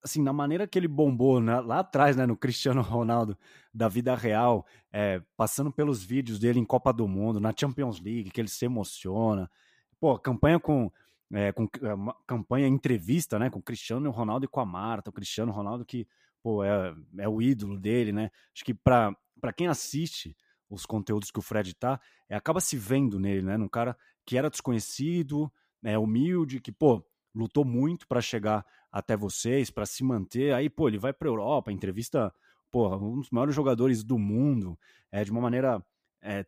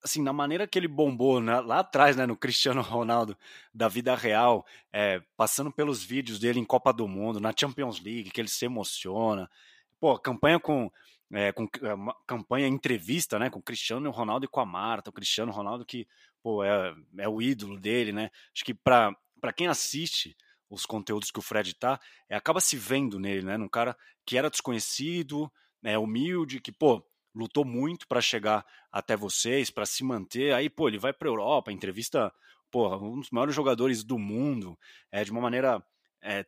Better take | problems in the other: first | thin; very slightly; fading below 500 Hz

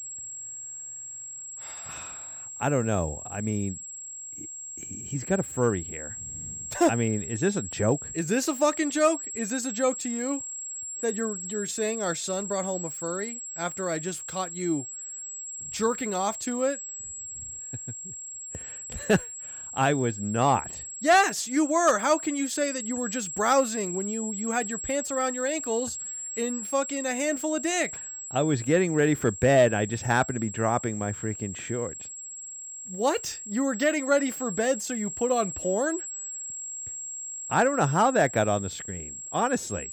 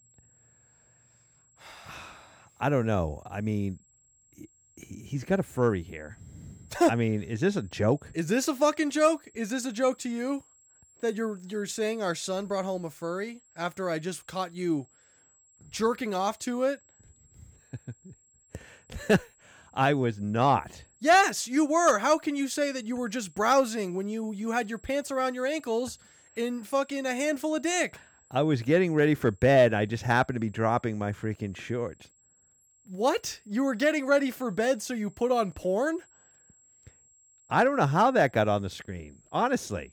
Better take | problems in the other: second | high-pitched whine; loud; throughout; 7.5 kHz, 8 dB below the speech; faint in the second

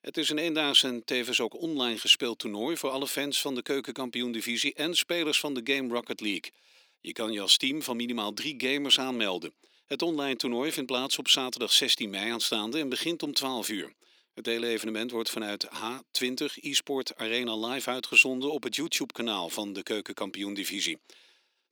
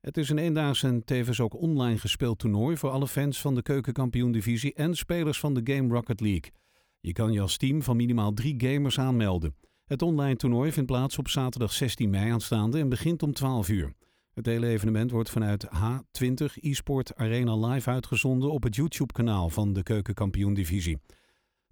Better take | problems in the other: second | thin; somewhat; fading below 300 Hz

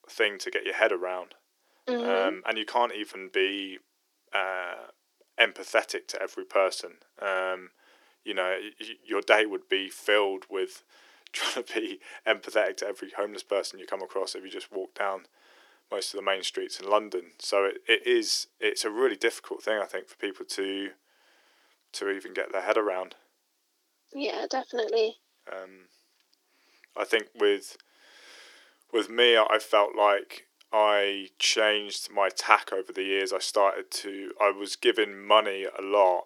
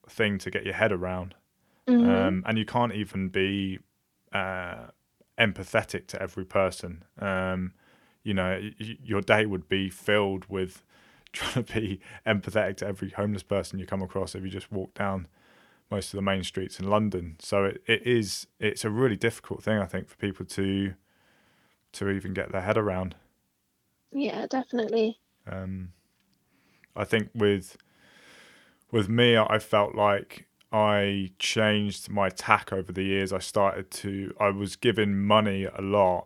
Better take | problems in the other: second | thin; very; fading below 350 Hz

